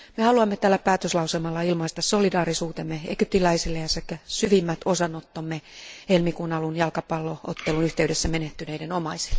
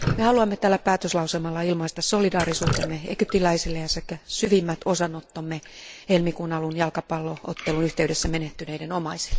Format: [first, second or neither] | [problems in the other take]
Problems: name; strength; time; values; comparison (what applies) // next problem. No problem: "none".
first | background sound (Drip); 11 dB below the speech